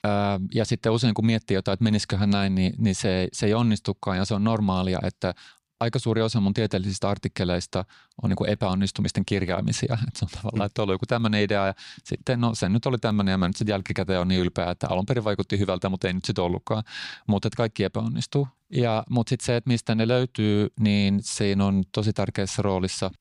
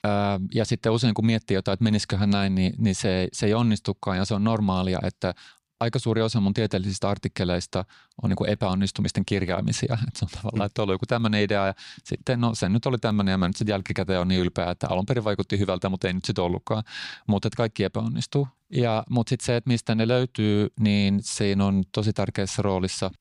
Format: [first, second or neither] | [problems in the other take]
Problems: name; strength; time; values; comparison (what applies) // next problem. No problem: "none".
neither | none